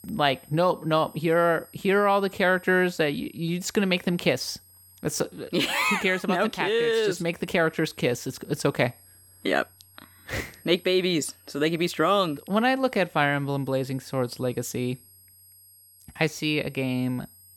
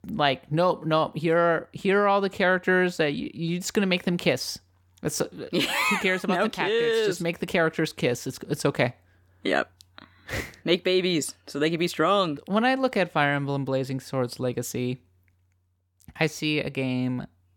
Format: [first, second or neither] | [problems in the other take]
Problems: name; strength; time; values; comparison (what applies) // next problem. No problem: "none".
second | high-pitched whine; faint; throughout; 11.5 kHz, 25 dB below the speech